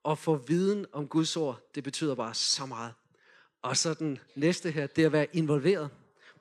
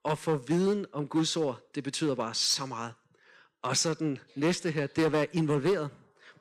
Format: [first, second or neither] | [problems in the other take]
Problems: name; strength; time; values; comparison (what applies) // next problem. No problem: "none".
first | distortion; slight; 5% of the sound clipped